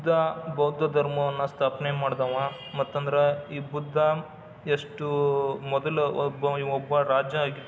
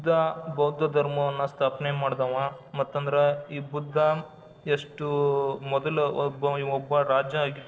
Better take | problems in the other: first | noise reduction (neural separator model SepFormer DNS4)

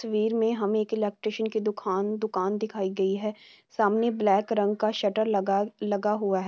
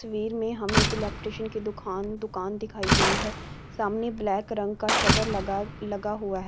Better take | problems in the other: first | background sound (Slam + Gunshot, gunfire); 1 dB above the speech

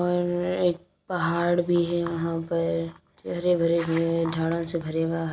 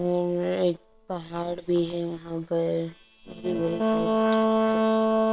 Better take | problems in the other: first | noise reduction (neural separator model SepFormer WHAM!)

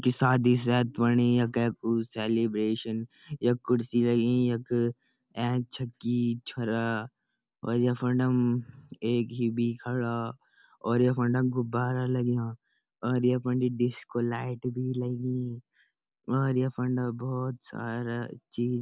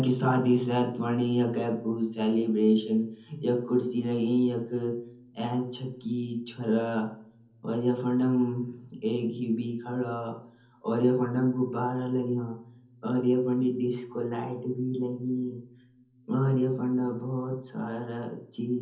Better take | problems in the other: first | room echo; dies away in 0.7 s

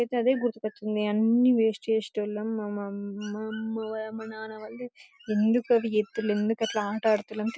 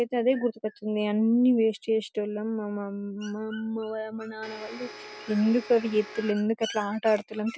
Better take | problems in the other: first | background sound (Domestic sounds, home sounds); 16 dB below the speech

